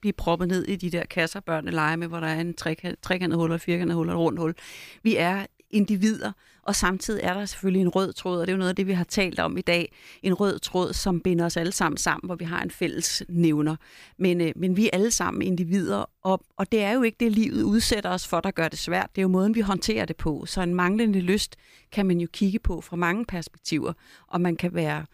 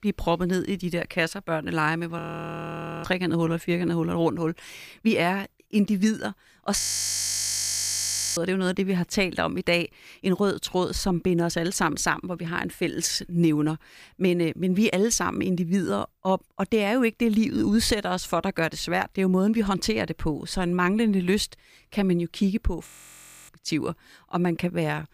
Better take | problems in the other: first | audio freezing; at 2 s for 1 s, at 7 s for 1.5 s and at 23 s for 0.5 s

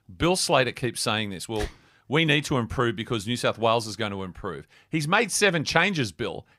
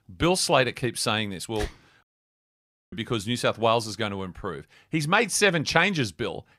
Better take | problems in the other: first | audio cutting out; at 2 s for 1 s

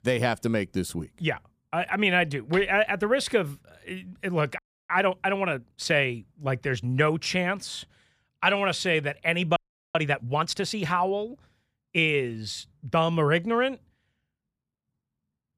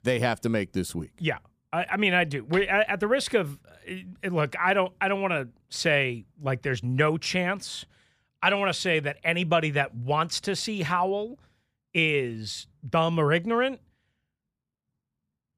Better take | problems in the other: second | audio freezing; at 4.5 s and at 9.5 s

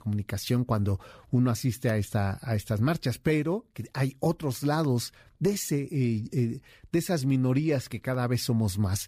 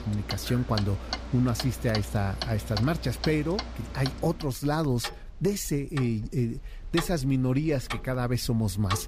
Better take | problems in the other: first | household noises; loud; throughout; 9 dB below the speech

